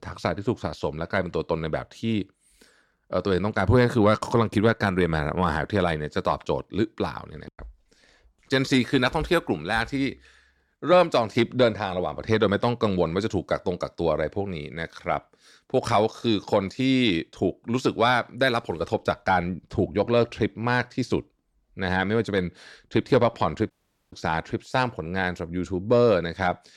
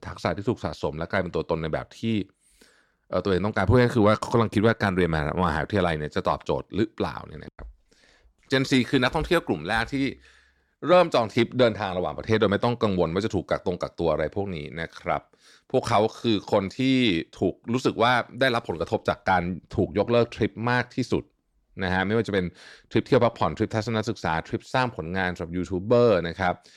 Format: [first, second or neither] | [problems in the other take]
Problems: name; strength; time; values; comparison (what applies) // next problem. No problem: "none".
second | audio cutting out; at 24 s